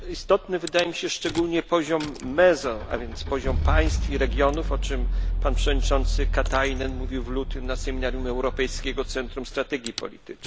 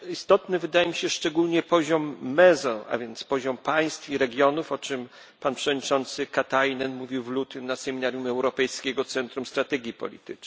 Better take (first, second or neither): second